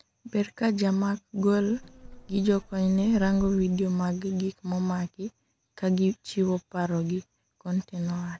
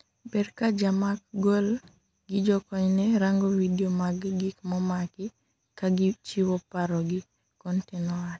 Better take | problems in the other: second | background sound (Insect); 15 dB below the speech

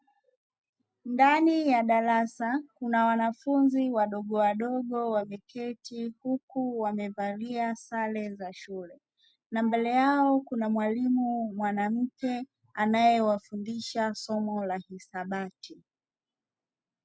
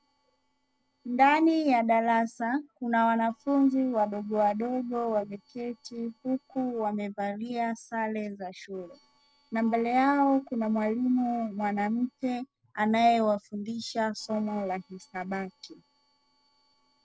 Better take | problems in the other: first | noise reduction (neural separator model SepFormer DNS4)

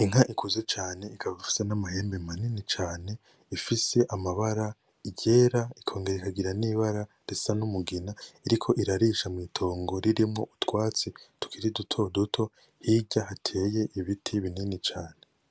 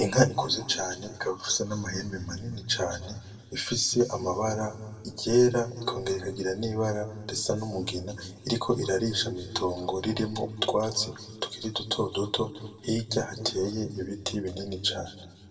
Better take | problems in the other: first | room echo; dies away in 1.5 s

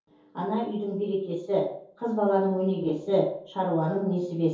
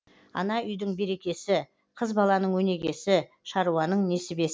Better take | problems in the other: second | room echo; dies away in 0.6 s

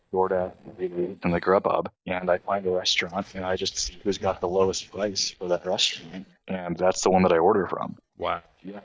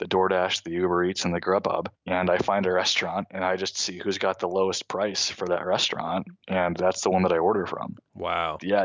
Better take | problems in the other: second | noise reduction (neural mask model DeepFilterNet 3)

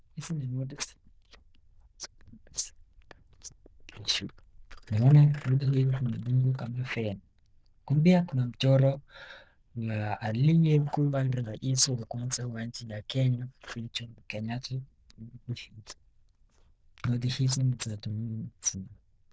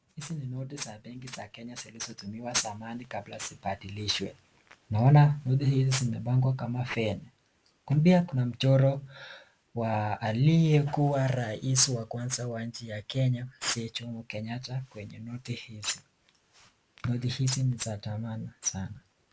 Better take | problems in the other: second | noise reduction (neural diffusion model UNIVERSE++)

